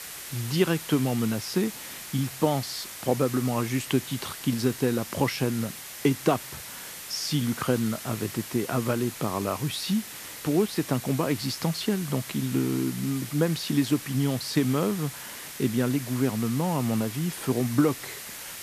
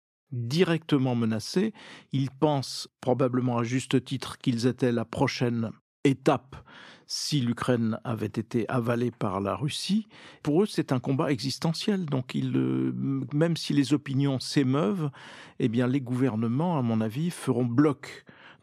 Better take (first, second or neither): second